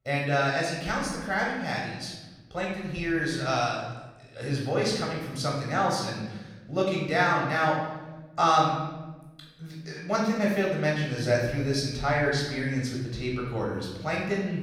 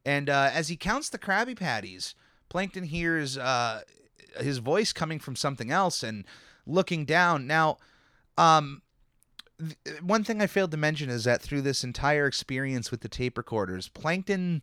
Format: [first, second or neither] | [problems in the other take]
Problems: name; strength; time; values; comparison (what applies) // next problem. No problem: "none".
second | off-mic speech; far // room echo; noticeable; dies away in 1.1 s